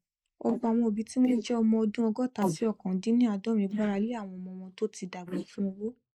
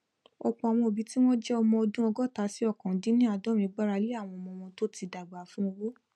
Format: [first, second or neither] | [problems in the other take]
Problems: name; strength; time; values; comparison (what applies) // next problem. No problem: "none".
second | noise reduction (neural mask model Resemble Enhance denoiser)